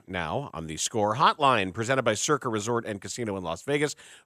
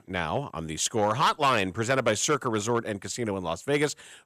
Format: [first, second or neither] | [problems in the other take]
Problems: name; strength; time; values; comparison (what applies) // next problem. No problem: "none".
first | distortion; slight; 2% of the sound clipped